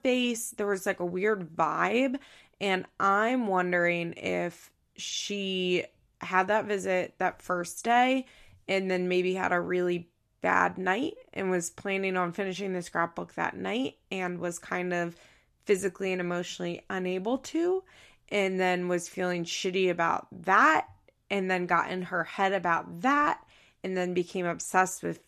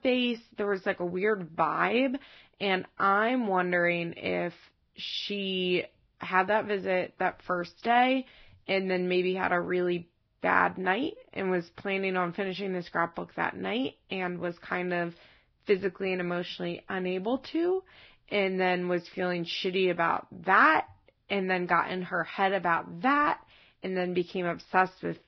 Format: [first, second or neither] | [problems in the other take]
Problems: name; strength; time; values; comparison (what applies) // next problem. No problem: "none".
first | garbled, watery; badly; nothing above 5.5 kHz